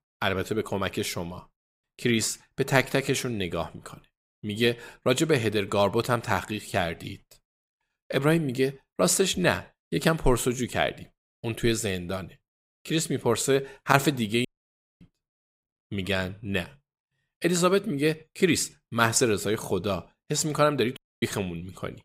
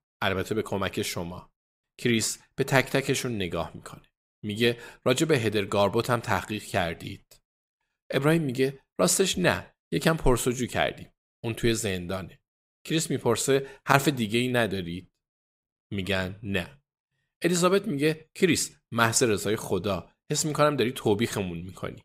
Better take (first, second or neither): second